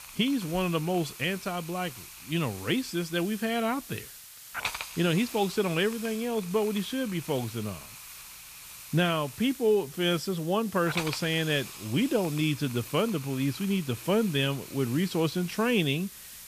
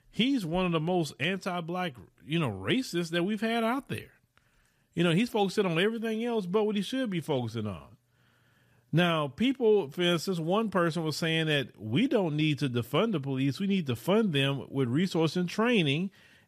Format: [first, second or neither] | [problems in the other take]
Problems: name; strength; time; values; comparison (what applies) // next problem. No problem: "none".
second | hiss; noticeable; throughout; 10 dB below the speech